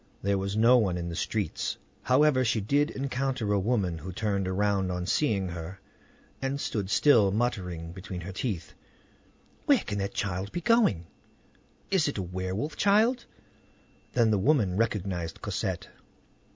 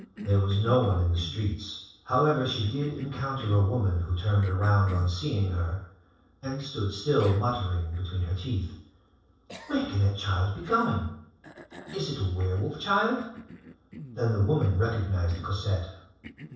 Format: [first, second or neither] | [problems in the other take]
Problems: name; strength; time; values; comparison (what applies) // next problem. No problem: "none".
first | noise reduction (neural separator model SepFormer DNS4)